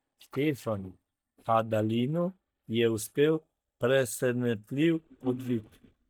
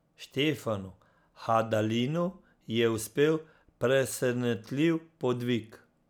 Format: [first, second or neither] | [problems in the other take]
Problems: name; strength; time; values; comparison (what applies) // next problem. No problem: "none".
second | noise reduction (neural mask model DeepFilterNet 3)